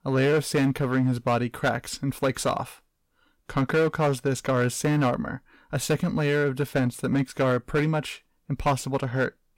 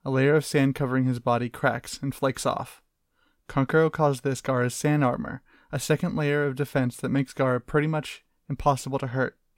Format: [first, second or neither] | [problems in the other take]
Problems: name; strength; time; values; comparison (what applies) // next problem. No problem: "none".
second | distortion; slight; 6% of the sound clipped